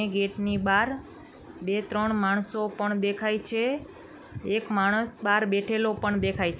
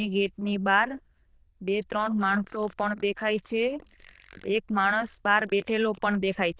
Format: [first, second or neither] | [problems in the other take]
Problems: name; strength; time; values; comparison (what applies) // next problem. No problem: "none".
first | noise reduction (neural diffusion model UNIVERSE++)